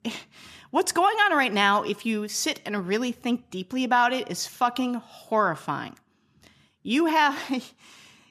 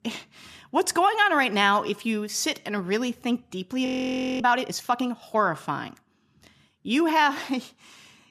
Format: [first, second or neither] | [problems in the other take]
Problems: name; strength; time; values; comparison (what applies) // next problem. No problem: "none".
first | audio freezing; at 4 s for 0.5 s